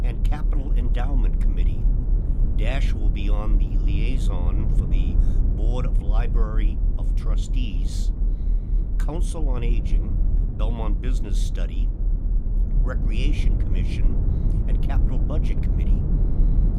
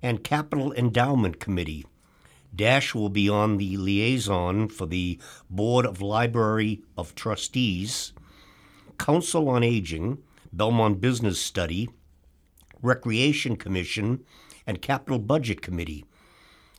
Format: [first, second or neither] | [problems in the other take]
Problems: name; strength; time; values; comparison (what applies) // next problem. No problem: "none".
second | low rumble; loud; throughout; 3 dB below the speech